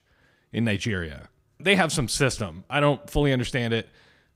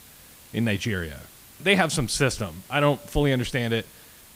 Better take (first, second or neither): first